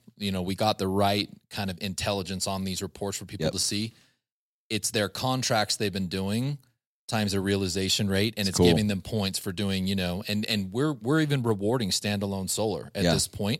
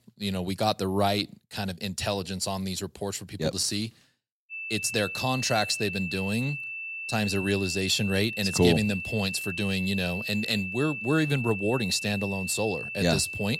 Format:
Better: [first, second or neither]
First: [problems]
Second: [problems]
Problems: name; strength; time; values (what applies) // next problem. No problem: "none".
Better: first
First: none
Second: high-pitched whine; loud; from 4.5 s on; 2.5 kHz, 6 dB below the speech